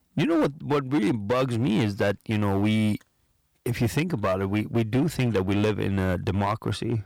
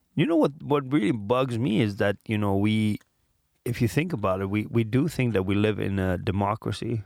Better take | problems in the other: second | distortion; slight; 10% of the sound clipped

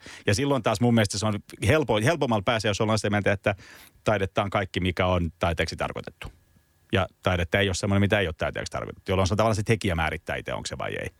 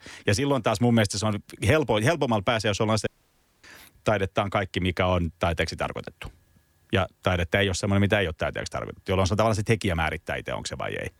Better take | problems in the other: first | audio cutting out; at 3 s for 0.5 s

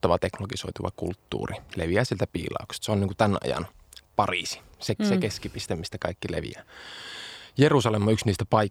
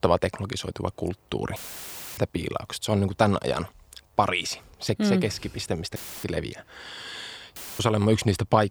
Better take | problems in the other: first | audio cutting out; filled with static; at 1.5 s for 0.5 s, at 6 s and at 7.5 s

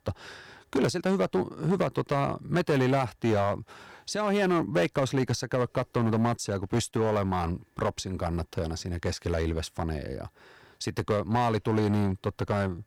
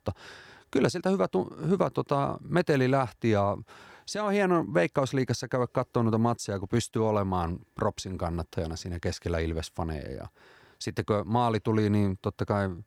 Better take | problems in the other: second | distortion; slight; 6% of the sound clipped

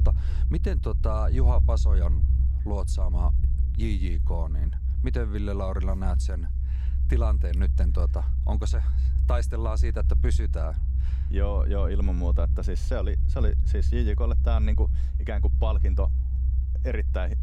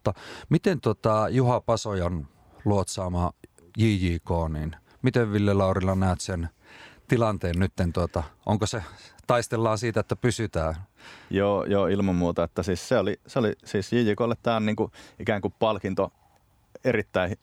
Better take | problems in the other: second | low rumble; loud; throughout; 9 dB below the speech

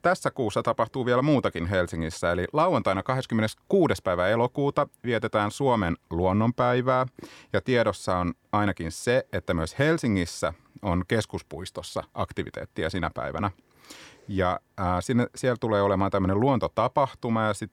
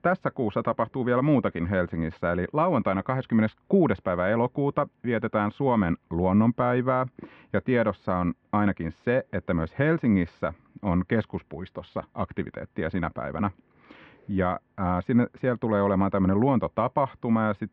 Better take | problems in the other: first | muffled; very; fading above 2.5 kHz

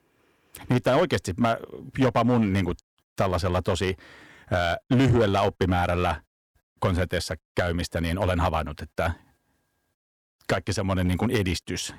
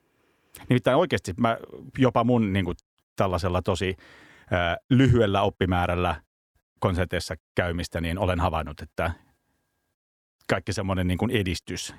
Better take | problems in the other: second | distortion; slight; 5% of the sound clipped

